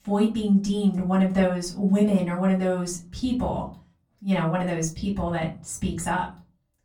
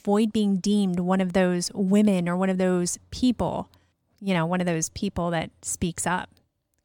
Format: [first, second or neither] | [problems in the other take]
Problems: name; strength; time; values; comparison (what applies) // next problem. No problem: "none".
second | off-mic speech; far // room echo; slight; dies away in 0.3 s